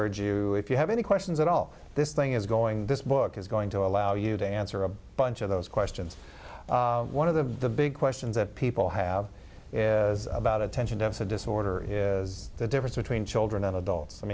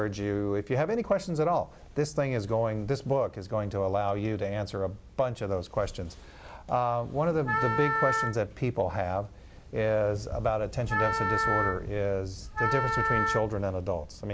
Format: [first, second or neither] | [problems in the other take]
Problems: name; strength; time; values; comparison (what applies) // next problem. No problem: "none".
first | background sound (Wind instrument, woodwind instrument); 1 dB below the speech